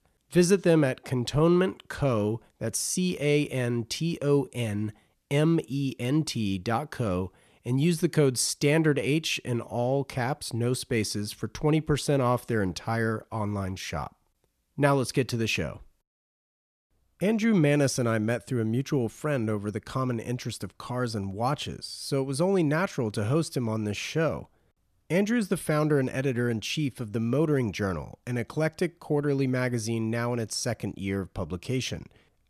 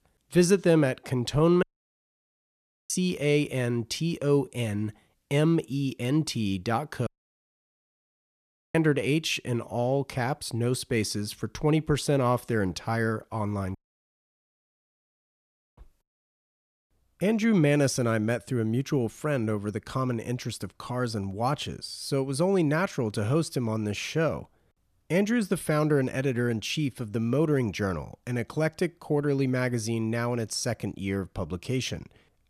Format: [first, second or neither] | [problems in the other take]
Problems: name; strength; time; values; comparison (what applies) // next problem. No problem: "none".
first | audio cutting out; at 1.5 s for 1.5 s, at 7 s for 1.5 s and at 14 s for 2 s